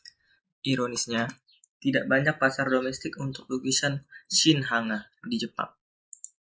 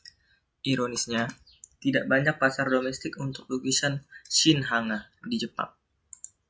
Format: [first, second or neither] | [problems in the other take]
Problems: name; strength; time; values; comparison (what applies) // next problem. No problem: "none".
second | noise reduction (neural mask model Resemble Enhance denoiser)